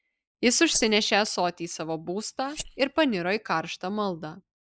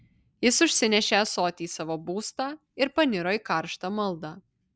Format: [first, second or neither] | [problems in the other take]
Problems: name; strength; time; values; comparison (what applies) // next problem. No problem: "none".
second | noise reduction (neural mask model Resemble Enhance denoiser)